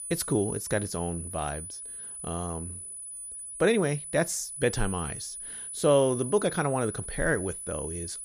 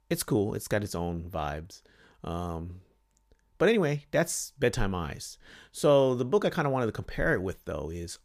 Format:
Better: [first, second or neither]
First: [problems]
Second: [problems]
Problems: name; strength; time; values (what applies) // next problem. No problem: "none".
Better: second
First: high-pitched whine; loud; throughout; 10 kHz, 8 dB below the speech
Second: none